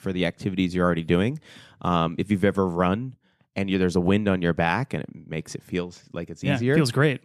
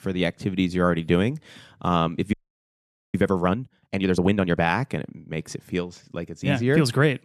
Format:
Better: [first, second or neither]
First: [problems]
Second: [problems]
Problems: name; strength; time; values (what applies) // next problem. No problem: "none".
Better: first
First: none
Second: audio freezing; at 2.5 s for 1 s